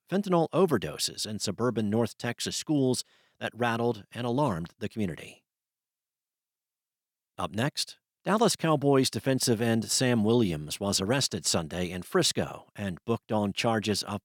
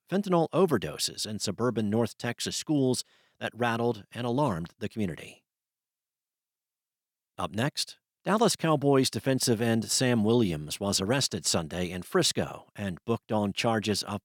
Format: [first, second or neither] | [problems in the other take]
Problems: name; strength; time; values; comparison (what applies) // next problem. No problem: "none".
neither | none